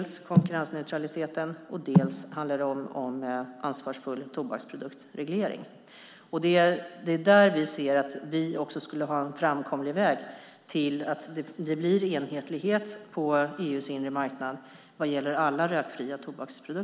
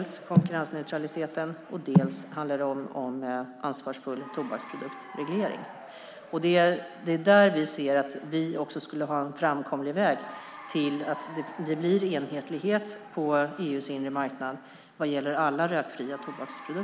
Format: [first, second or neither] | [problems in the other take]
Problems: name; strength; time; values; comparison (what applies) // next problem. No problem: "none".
first | background sound (Applause / Cheering); 19 dB below the speech